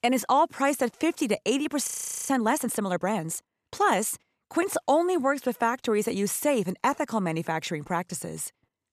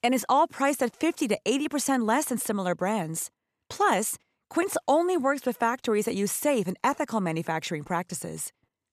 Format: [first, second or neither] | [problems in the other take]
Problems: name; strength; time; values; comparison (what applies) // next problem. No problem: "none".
second | audio freezing; at 2 s